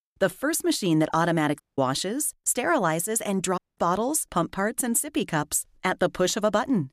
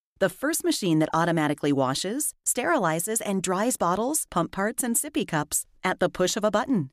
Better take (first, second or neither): second